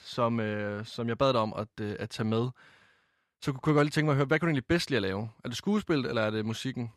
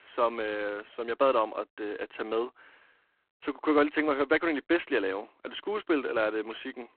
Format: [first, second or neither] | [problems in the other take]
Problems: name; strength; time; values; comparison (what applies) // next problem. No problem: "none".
first | phone-call audio; poor line; nothing above 4 kHz